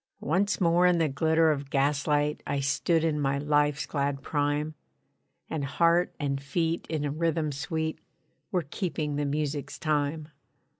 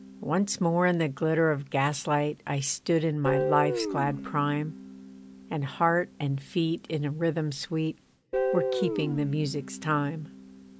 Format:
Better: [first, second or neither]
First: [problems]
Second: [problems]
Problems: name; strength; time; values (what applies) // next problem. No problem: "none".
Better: first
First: none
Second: background sound (Guitar); 7 dB below the speech